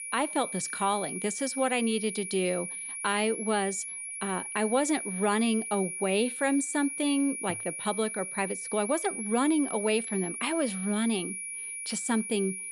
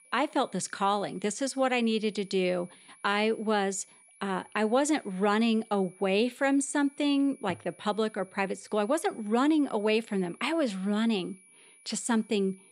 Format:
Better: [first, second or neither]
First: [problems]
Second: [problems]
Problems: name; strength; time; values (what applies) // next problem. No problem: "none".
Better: second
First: high-pitched whine; loud; throughout; 10.5 kHz, 5 dB below the speech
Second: high-pitched whine; faint; throughout; 10.5 kHz, 25 dB below the speech